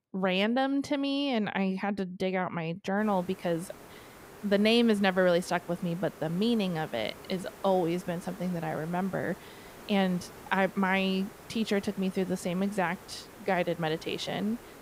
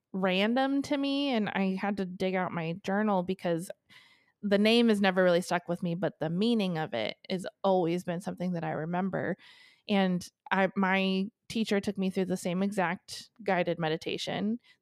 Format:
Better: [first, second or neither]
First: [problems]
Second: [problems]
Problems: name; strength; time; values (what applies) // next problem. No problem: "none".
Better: second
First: hiss; noticeable; from 3 s on; 20 dB below the speech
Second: none